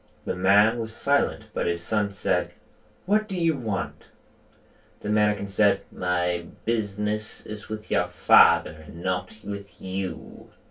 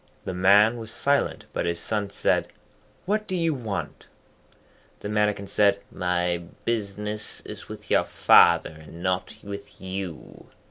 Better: second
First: room echo; dies away in 0.2 s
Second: none

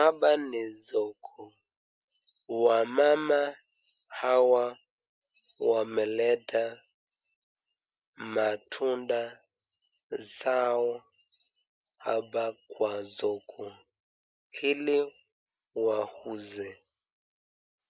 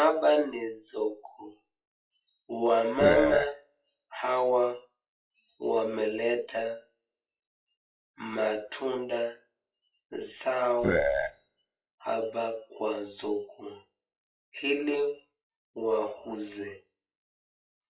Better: first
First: none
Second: noise reduction (classical method WPE with log-MMSE)

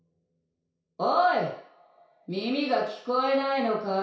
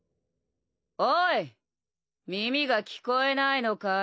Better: second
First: room echo; dies away in 0.6 s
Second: none

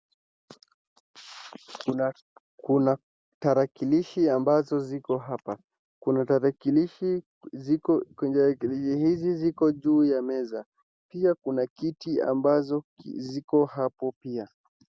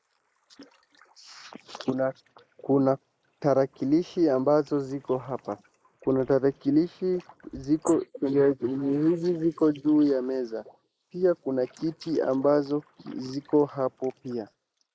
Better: first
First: none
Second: noise reduction (neural mask model Resemble Enhance denoiser)

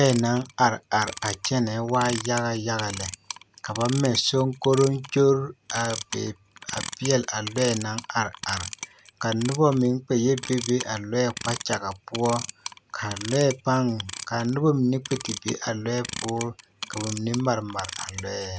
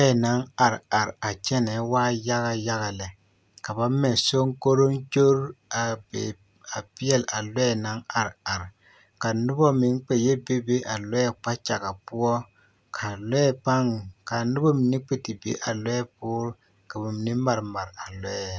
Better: second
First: background sound (Clock); 13 dB below the speech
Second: none

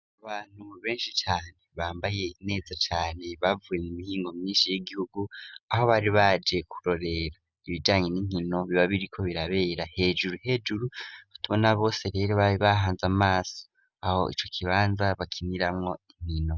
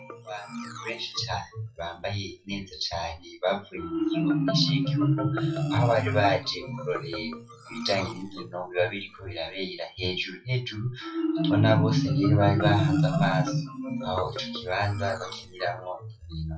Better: first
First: none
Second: noise reduction (classical method WPE with log-MMSE)

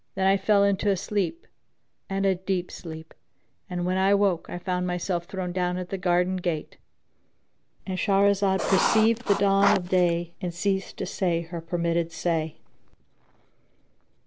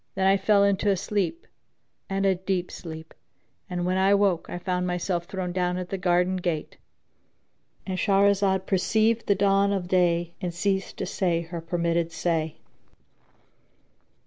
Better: second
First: background sound (Writing); 2 dB below the speech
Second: none

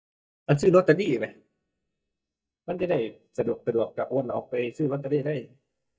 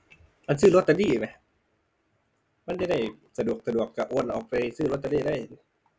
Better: second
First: noise reduction (neural mask model DeepFilterNet 3)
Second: none

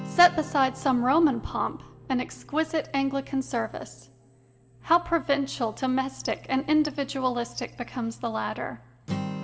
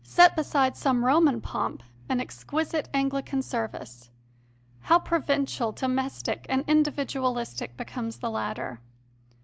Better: second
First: background sound (Acoustic guitar); 16 dB below the speech // room echo; dies away in 1.2 s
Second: none

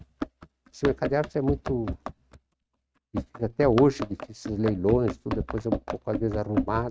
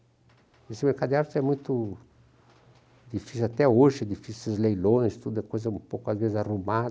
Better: second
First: noise reduction (neural mask model RNNoise)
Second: none

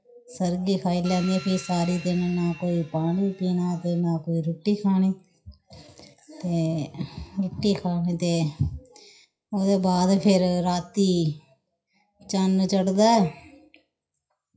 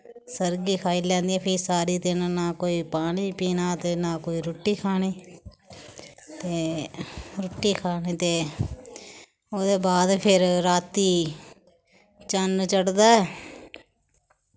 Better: second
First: noise reduction (classical method WPE with log-MMSE)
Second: none

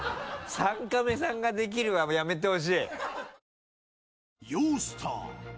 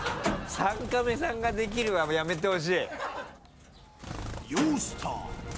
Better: first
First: none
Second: background sound (Bird); 8 dB below the speech

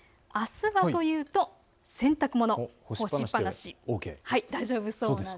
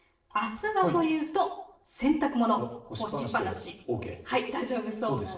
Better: first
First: none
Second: noise reduction (neural separator model SepFormer DNS4)

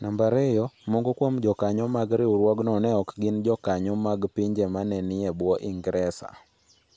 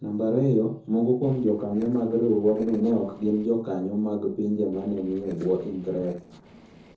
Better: first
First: none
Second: noise reduction (neural separator model SepFormer DNS4)

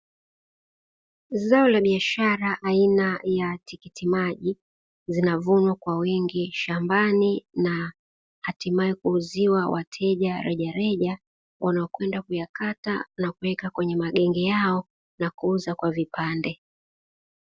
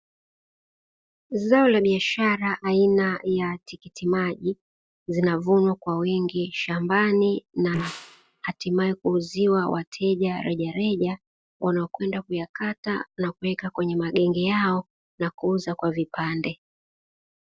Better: first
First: none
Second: noise reduction (neural separator model SepFormer DNS4)

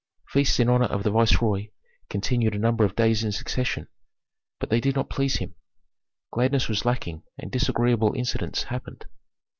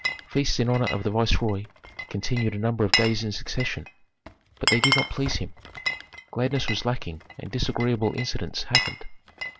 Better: first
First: none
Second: background sound (Glass); 5 dB below the speech

